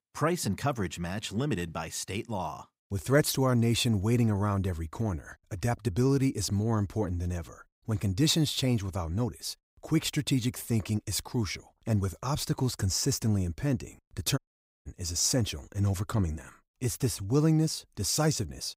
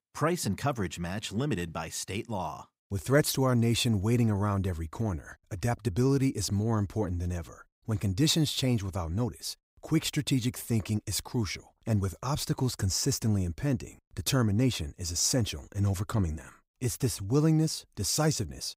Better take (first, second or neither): second